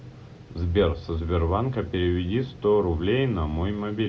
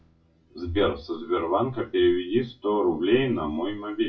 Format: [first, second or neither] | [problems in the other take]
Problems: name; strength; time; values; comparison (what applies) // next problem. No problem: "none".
first | noise reduction (classical method WPE with log-MMSE)